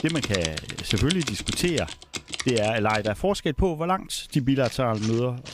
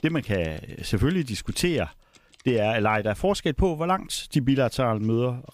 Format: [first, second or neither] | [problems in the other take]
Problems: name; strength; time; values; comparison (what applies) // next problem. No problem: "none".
second | household noises; loud; throughout; 7 dB below the speech; faint in the second